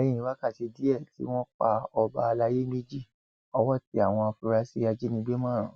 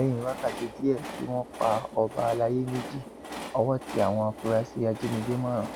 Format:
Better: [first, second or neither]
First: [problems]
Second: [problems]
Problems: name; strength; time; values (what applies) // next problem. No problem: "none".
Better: first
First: none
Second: background sound (Train); 11 dB below the speech